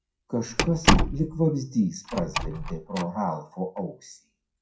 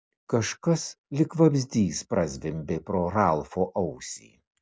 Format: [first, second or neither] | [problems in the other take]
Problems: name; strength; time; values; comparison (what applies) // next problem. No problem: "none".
second | noise reduction (classical method WPE with log-MMSE)